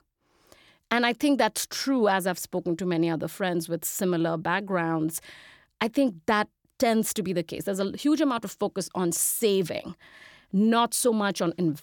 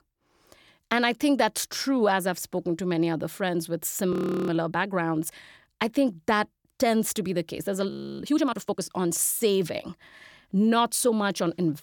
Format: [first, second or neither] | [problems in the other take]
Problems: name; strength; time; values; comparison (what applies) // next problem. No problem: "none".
first | audio freezing; at 4 s and at 8 s